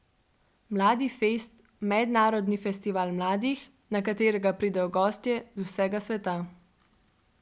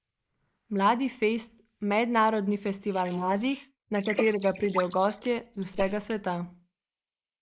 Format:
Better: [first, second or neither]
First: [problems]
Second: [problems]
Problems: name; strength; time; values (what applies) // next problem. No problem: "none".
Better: first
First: none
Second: noise reduction (neural mask model Resemble Enhance denoiser)